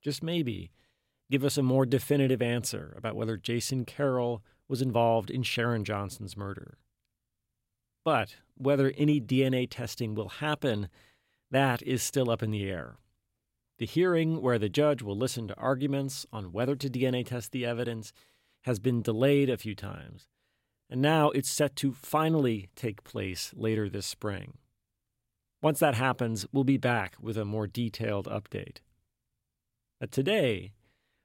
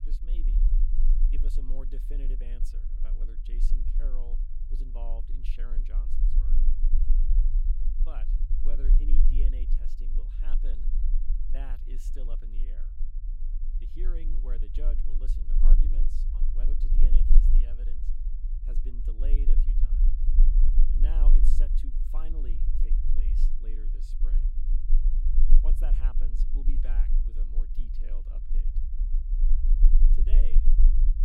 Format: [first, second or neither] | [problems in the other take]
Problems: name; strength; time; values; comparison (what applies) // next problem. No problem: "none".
first | low rumble; loud; throughout; 2 dB below the speech